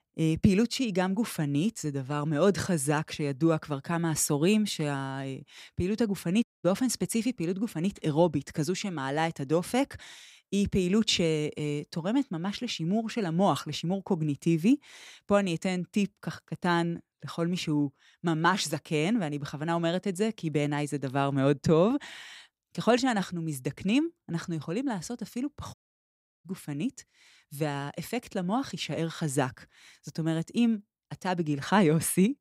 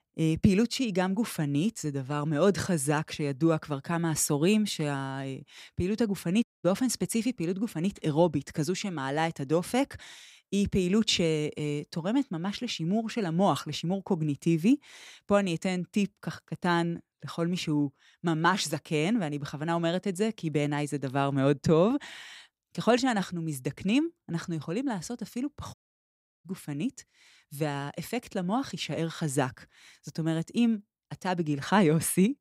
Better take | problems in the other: neither | audio cutting out; at 6.5 s and at 26 s for 0.5 s; the same in both

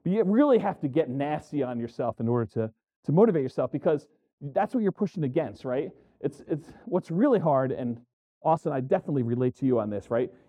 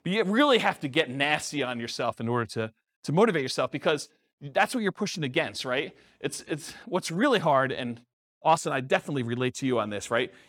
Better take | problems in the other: second | muffled; very; fading above 1.5 kHz

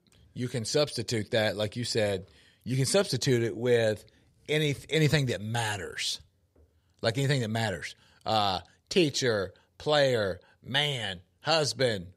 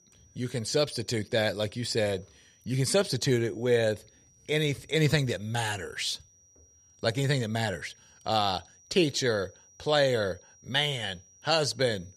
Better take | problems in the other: first | high-pitched whine; faint; throughout; 6 kHz, 30 dB below the speech

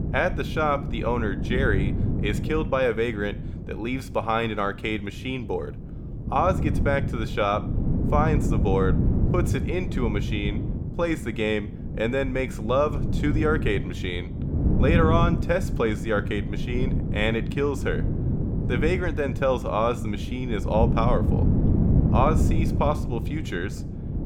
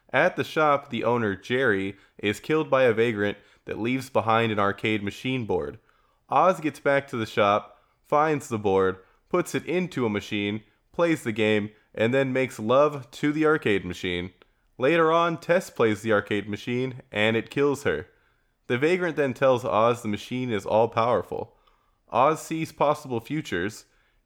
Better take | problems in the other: second | wind noise on the microphone; heavy; 9 dB below the speech

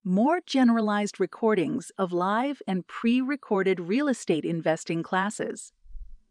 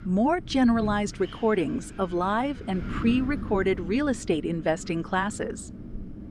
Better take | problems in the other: first | wind noise on the microphone; occasional gusts; 15 dB below the speech

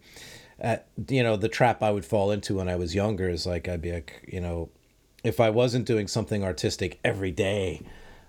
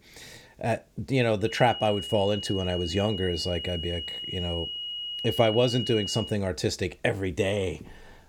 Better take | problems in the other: first | high-pitched whine; loud; from 1.5 to 6.5 s; 3 kHz, 6 dB below the speech

